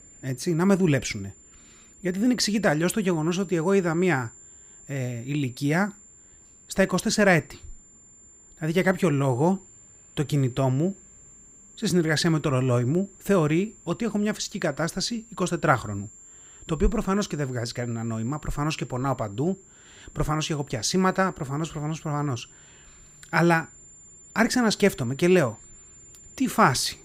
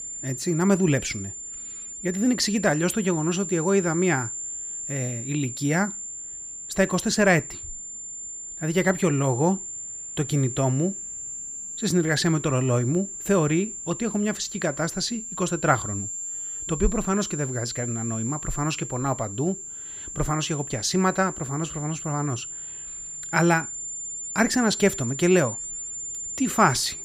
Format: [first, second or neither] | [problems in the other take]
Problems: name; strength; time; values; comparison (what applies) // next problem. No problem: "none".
first | high-pitched whine; loud; throughout; 7 kHz, 7 dB below the speech; faint in the first